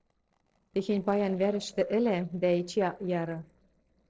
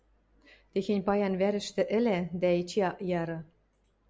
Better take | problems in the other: second | noise reduction (neural separator model SepFormer DNS4)

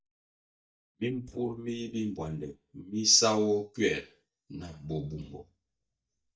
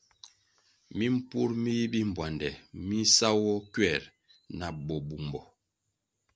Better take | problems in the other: second | noise reduction (neural mask model DeepFilterNet 3)

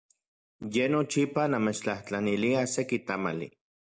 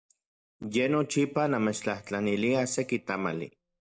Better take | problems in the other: first | noise reduction (neural separator model SepFormer DNS4)

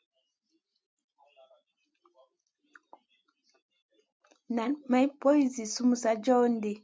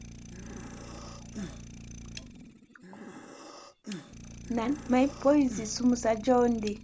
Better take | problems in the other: first | background sound (Idling + Breathing); 13 dB below the speech

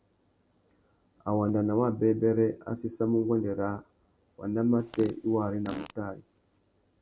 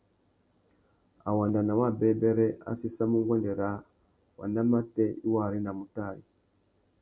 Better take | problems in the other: second | background sound (Fart); 17 dB below the speech

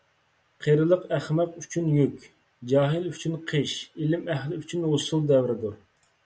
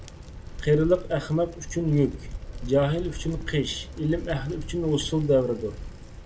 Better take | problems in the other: first | background sound (Bicycle); 10 dB below the speech

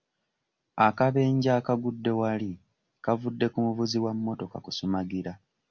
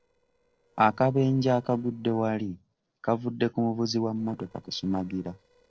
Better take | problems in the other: first | noise reduction (neural separator model SepFormer DNS4)

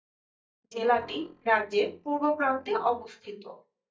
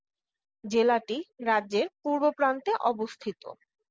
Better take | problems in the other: second | noise reduction (neural mask model DeepFilterNet 3)

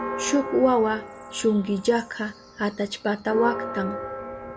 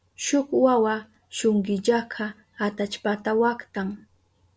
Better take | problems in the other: second | background sound (Church bell); 9 dB below the speech

